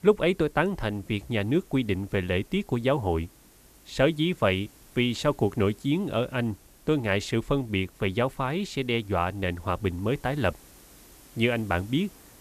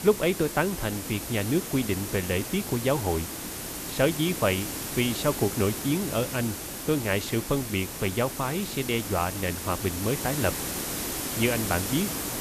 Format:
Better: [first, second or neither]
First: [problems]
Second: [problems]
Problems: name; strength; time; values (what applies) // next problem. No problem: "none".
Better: first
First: hiss; faint; throughout; 25 dB below the speech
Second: hiss; loud; throughout; 4 dB below the speech